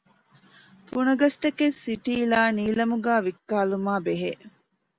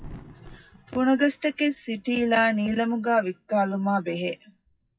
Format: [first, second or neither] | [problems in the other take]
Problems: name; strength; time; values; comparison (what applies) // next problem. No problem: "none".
first | noise reduction (classical method WPE with log-MMSE)